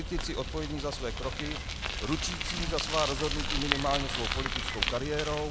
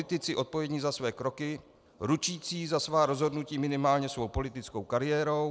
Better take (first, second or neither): second